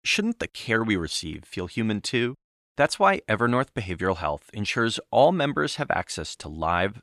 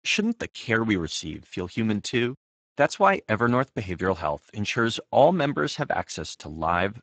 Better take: first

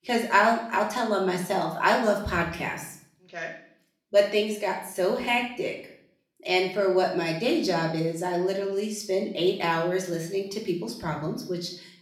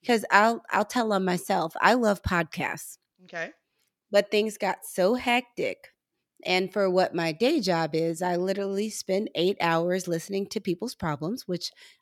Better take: second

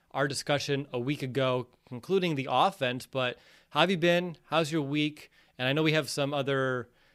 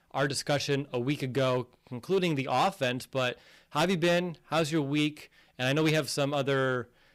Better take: first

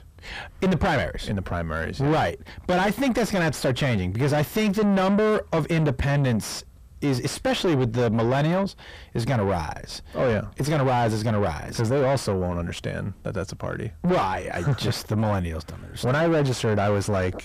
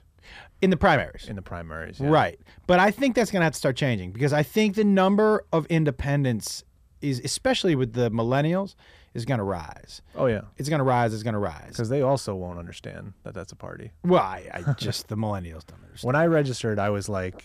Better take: second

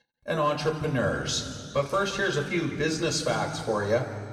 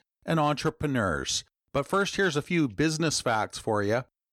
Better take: second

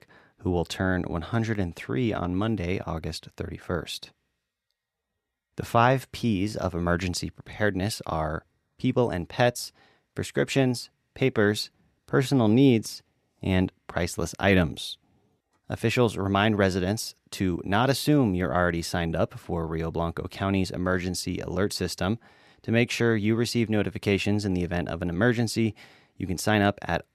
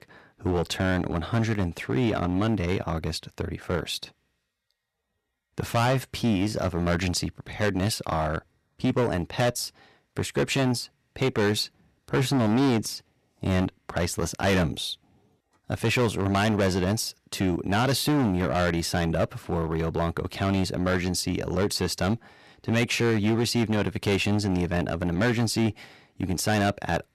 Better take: first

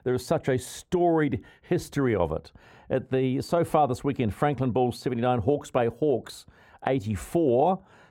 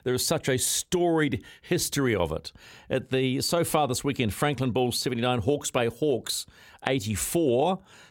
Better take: second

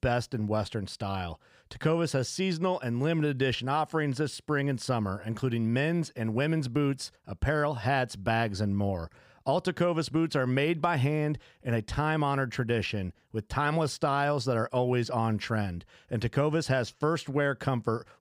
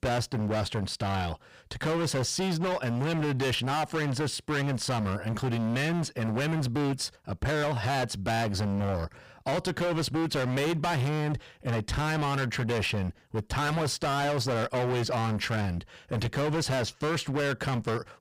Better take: first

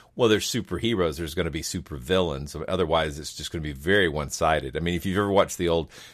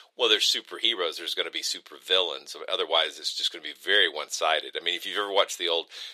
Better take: first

